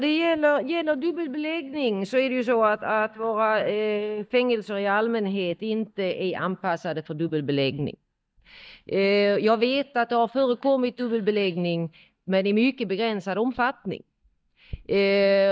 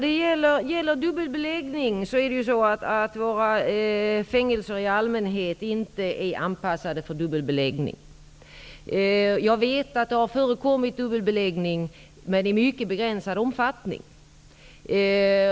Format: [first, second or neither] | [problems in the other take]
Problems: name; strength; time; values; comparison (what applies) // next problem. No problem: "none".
second | noise reduction (neural mask model DeepFilterNet 3)